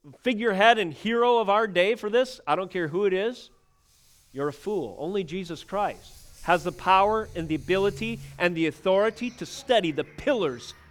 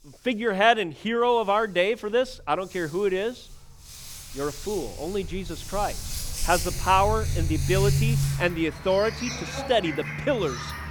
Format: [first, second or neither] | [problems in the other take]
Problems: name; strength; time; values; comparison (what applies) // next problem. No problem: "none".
first | animal sounds; loud; throughout; 5 dB below the speech; faint in the first